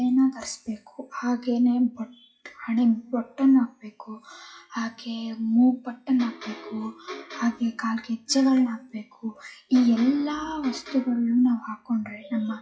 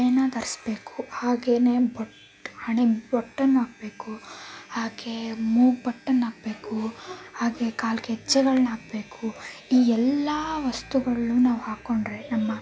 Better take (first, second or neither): second